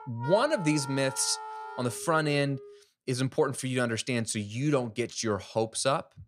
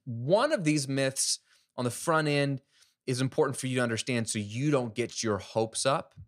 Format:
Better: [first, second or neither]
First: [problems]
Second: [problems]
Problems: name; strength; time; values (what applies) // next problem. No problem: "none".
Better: second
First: background music; noticeable; until 3 s; 10 dB below the speech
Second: none